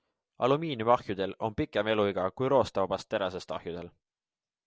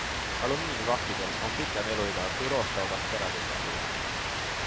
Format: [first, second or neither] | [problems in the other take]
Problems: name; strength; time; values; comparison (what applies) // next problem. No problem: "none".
first | background sound (Rain); 3 dB above the speech